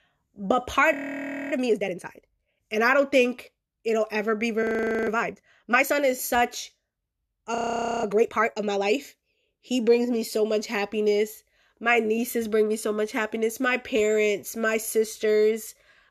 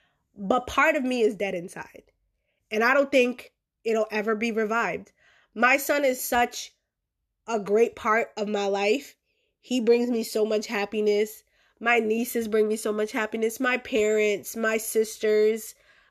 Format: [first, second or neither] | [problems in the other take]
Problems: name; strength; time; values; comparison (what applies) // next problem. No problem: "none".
second | audio freezing; at 1 s for 0.5 s, at 4.5 s and at 7.5 s